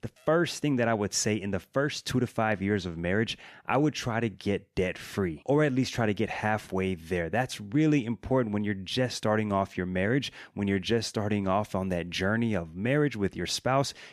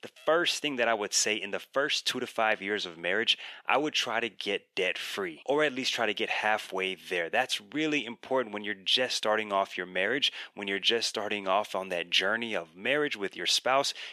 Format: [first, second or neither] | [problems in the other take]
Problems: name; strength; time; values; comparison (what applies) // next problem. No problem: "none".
first | thin; somewhat; fading below 450 Hz